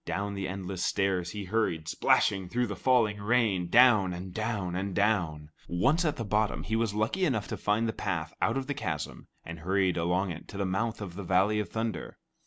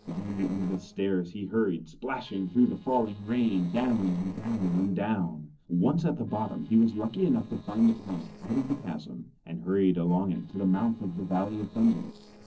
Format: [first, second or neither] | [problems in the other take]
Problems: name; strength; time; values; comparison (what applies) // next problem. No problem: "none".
first | noise reduction (neural separator model SepFormer DNS4)